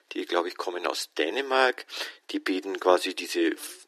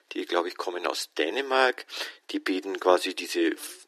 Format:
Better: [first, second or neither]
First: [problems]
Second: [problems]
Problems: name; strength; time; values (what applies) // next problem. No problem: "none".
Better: neither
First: thin; very; fading below 300 Hz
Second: thin; very; fading below 300 Hz